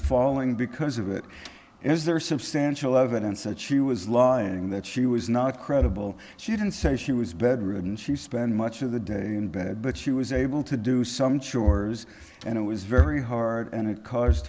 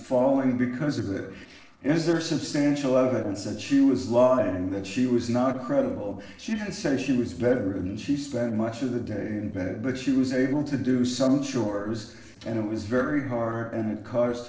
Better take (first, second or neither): first